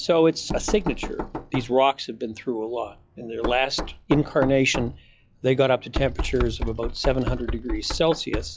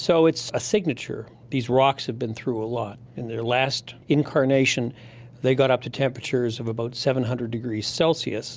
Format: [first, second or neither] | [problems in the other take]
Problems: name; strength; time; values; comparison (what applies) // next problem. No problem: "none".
second | noise reduction (classical method log-MMSE)